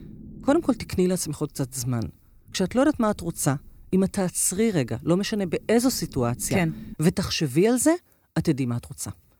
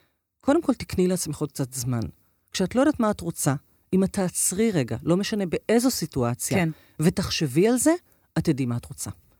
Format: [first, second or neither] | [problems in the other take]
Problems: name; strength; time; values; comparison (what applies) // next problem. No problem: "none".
second | low rumble; faint; until 7 s; 25 dB below the speech